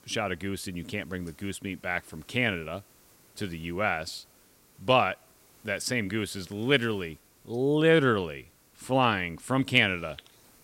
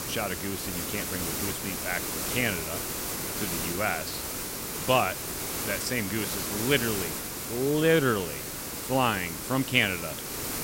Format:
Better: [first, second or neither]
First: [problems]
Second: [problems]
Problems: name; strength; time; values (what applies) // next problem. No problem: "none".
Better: first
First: hiss; faint; throughout; 30 dB below the speech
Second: hiss; loud; throughout; 3 dB below the speech